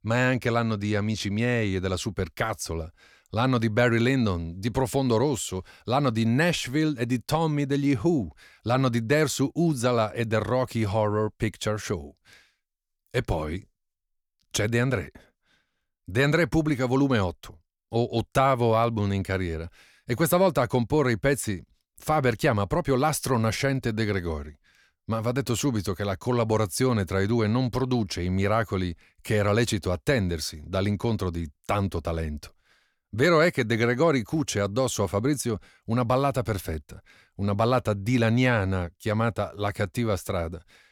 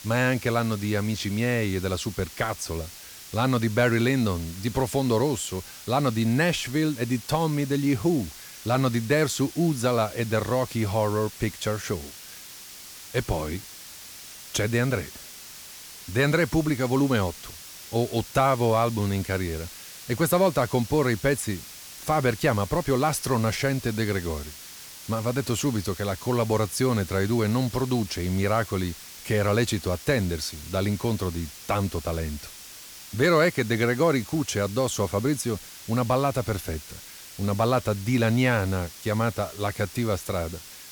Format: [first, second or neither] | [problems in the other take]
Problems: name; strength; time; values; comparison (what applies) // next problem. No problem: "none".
first | hiss; noticeable; throughout; 15 dB below the speech